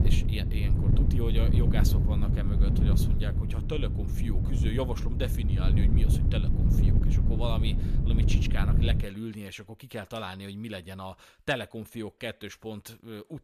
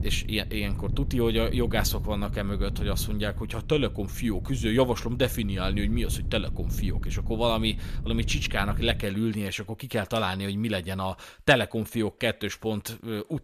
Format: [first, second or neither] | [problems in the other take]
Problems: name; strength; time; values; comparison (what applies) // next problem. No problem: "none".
second | wind noise on the microphone; heavy; until 9 s; 2 dB below the speech; occasional gusts in the second